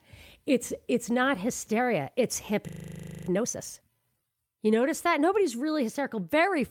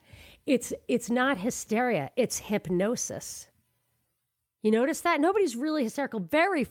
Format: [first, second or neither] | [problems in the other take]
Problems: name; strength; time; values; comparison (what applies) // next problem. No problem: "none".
second | audio freezing; at 2.5 s for 0.5 s